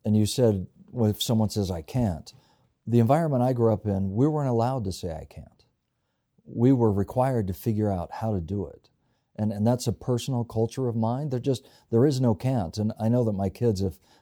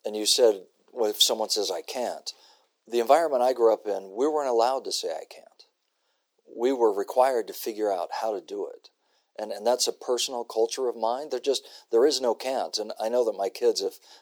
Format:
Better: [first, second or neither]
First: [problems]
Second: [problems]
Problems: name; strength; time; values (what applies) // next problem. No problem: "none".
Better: first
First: none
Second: thin; very; fading below 350 Hz